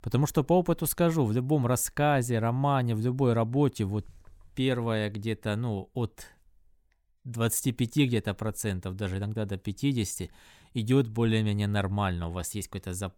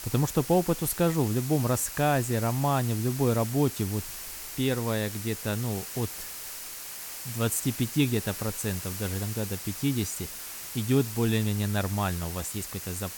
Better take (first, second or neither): first